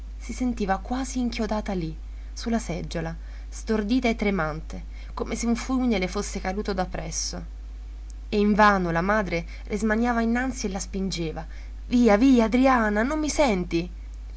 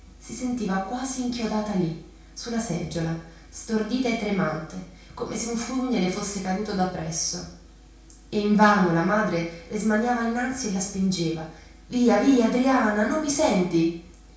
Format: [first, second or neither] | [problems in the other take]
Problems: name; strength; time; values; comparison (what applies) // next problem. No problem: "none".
first | room echo; dies away in 0.6 s